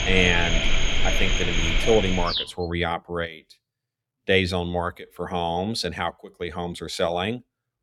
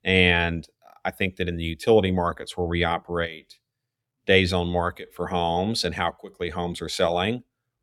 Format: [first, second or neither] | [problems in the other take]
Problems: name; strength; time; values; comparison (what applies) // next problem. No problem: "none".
second | animal sounds; very loud; until 2 s; 1 dB above the speech